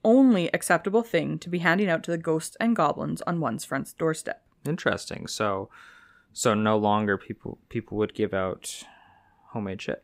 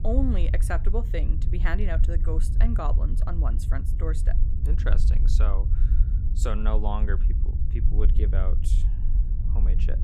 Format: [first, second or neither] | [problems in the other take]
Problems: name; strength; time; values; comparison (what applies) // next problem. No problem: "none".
first | low rumble; loud; throughout; 9 dB below the speech